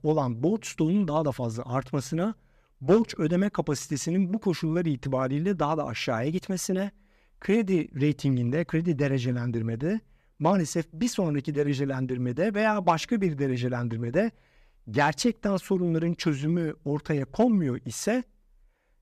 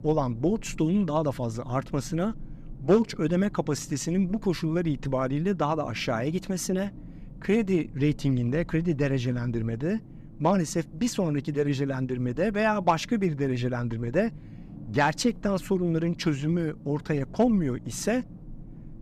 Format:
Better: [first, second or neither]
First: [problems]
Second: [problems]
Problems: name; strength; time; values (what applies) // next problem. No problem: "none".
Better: first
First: none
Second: low rumble; faint; throughout; 25 dB below the speech